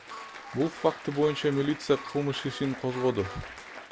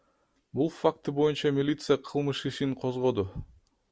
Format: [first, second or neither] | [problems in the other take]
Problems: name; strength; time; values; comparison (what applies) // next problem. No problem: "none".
second | background sound (Applause + Harmonica); 13 dB below the speech